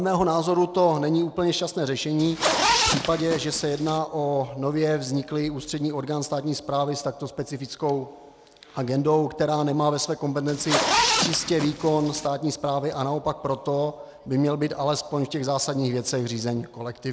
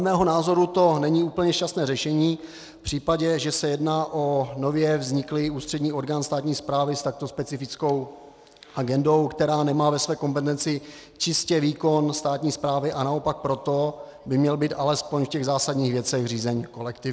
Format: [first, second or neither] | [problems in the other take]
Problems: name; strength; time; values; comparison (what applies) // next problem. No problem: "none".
second | background sound (Zipper (clothing)); as loud as the speech